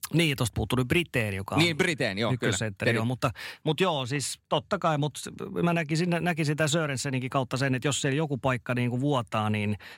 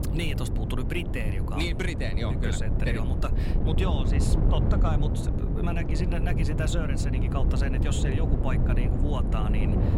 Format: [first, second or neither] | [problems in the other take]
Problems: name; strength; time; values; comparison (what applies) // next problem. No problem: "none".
first | wind noise on the microphone; heavy; 3 dB below the speech